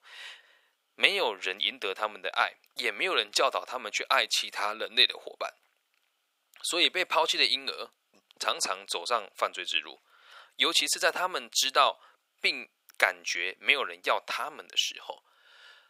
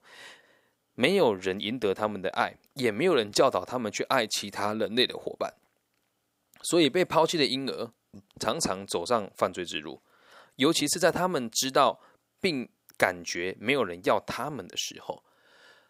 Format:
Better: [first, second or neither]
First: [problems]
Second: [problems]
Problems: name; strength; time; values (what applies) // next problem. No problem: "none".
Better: second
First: thin; very; fading below 650 Hz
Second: none